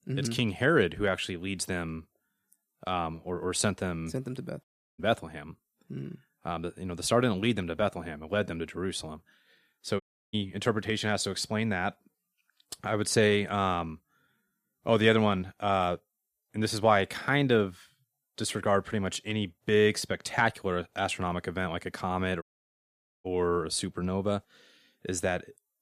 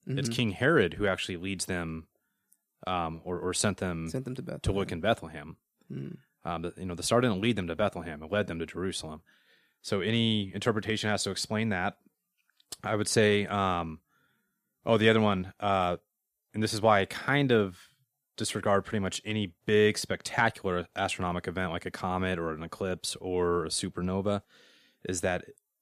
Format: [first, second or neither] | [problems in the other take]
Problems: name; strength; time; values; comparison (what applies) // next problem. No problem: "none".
second | audio cutting out; at 4.5 s, at 10 s and at 22 s for 1 s